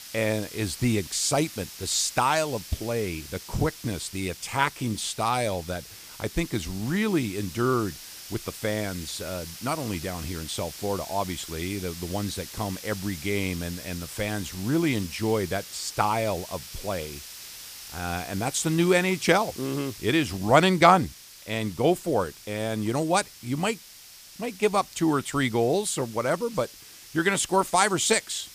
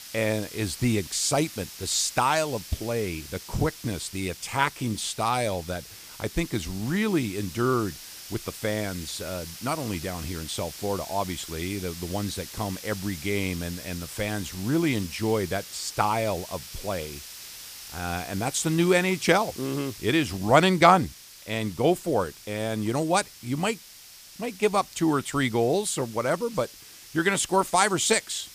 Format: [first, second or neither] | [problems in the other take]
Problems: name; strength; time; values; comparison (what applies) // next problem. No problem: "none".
neither | hiss; noticeable; throughout; 15 dB below the speech; the same in both